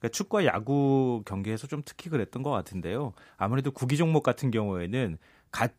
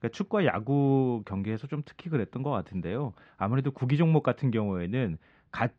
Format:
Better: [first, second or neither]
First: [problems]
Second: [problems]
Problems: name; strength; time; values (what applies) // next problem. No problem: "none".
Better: first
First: none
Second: muffled; slightly; fading above 3.5 kHz